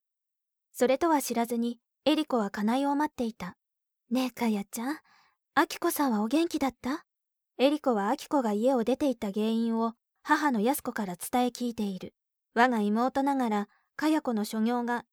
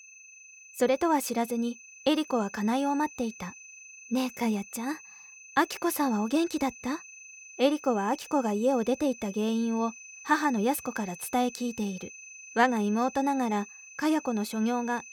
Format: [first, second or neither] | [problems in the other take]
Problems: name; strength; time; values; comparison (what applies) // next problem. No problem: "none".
first | high-pitched whine; noticeable; throughout; 2.5 kHz, 15 dB below the speech